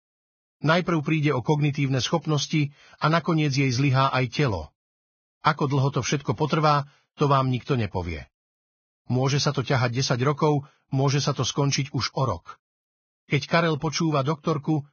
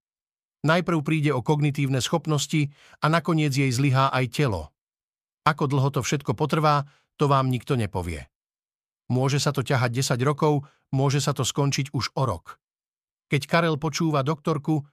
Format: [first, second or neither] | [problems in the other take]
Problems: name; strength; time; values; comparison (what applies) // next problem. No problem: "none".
second | garbled, watery; badly; nothing above 6.5 kHz